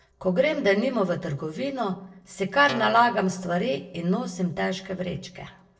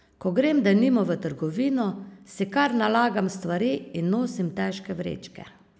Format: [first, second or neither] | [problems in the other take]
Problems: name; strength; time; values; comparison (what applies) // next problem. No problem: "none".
second | noise reduction (neural separator model SepFormer DNS4)